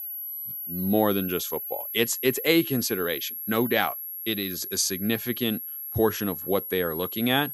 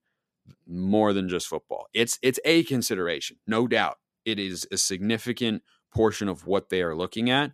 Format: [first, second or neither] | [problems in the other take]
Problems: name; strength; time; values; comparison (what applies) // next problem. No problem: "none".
second | high-pitched whine; loud; throughout; 11.5 kHz, 6 dB below the speech